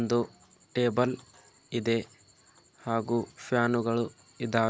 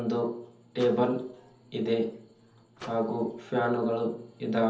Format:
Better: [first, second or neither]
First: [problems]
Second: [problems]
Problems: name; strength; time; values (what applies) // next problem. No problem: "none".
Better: first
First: none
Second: background sound (Microwave oven); 20 dB below the speech // room echo; dies away in 0.7 s